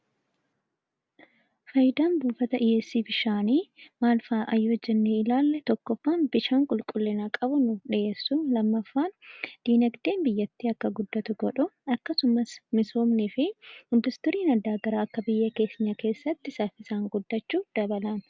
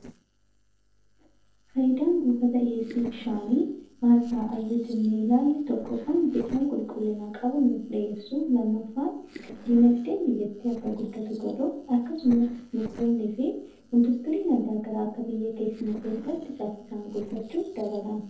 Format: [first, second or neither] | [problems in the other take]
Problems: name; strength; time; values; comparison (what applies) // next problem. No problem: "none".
first | noise reduction (neural separator model SepFormer DNS4)